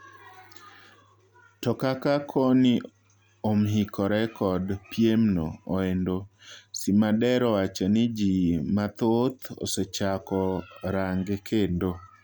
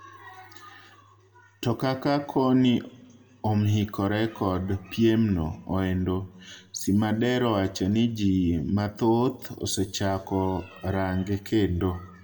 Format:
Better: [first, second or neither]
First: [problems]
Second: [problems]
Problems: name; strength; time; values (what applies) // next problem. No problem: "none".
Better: first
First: none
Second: room echo; dies away in 0.9 s